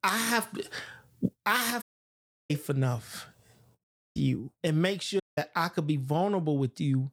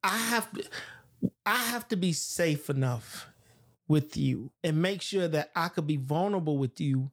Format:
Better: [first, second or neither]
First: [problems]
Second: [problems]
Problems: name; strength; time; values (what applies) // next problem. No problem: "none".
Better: second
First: audio cutting out; at 2 s for 0.5 s, at 4 s and at 5 s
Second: none